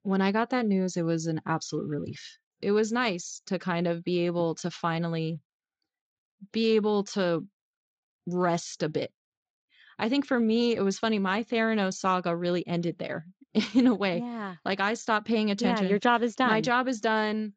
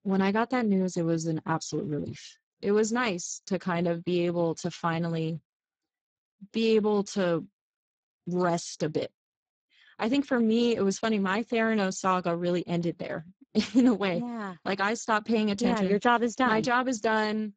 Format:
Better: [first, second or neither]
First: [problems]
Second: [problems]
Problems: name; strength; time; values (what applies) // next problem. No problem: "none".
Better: first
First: garbled, watery; slightly; nothing above 7.5 kHz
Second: garbled, watery; badly; nothing above 7.5 kHz